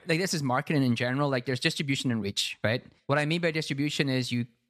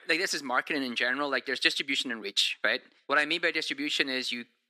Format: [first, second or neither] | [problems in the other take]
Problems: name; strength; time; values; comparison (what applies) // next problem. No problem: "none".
first | thin; somewhat; fading below 300 Hz